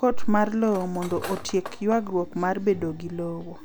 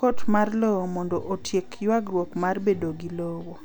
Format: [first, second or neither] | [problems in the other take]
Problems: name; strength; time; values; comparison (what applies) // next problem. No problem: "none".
second | background sound (Cutlery, silverware); 17 dB below the speech